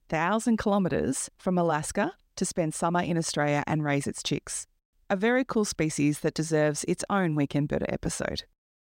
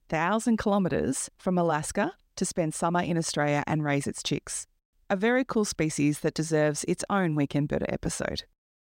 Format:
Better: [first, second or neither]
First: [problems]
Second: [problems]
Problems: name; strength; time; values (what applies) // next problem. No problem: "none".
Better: neither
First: none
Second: none